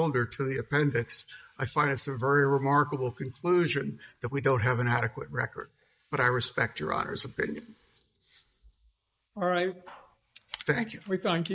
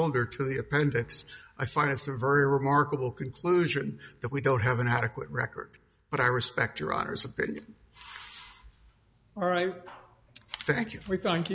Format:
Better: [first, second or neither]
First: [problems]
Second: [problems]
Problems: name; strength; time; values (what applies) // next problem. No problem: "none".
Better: second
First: noise reduction (neural mask model Resemble Enhance denoiser)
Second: none